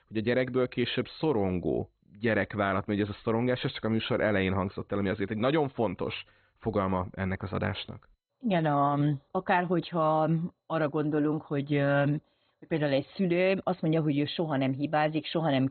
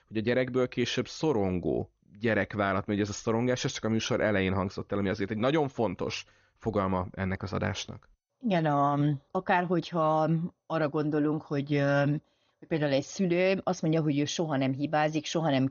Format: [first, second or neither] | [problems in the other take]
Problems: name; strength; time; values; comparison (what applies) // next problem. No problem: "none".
second | garbled, watery; badly; nothing above 4 kHz; slightly in the second